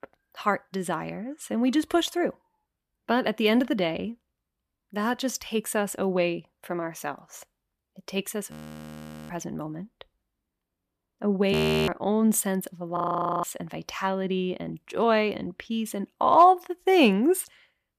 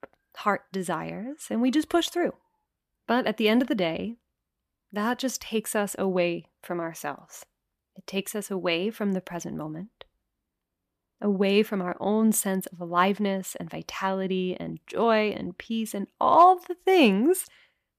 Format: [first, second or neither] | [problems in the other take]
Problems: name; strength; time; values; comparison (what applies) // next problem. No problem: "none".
second | audio freezing; at 8.5 s for 1 s, at 12 s and at 13 s